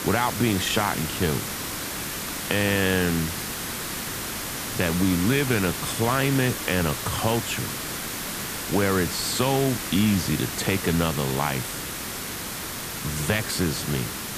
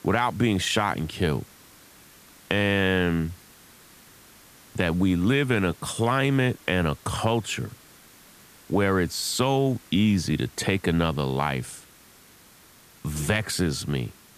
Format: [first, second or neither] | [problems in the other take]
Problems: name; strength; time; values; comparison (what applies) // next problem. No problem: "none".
second | hiss; loud; throughout; 4 dB below the speech; faint in the second